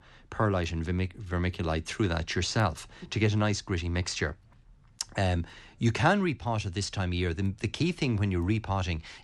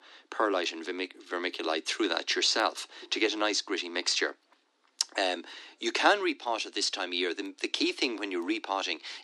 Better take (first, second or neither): first